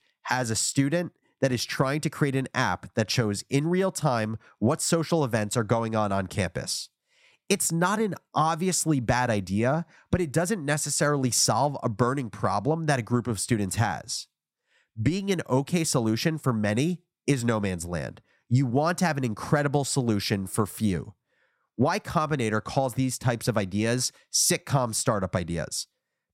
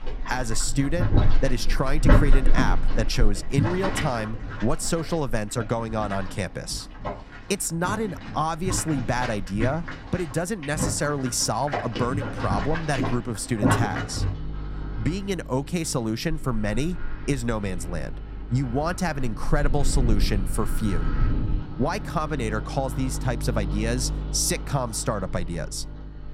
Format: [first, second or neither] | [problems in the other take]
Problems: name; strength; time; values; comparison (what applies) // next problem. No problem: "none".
first | household noises; loud; throughout; 2 dB below the speech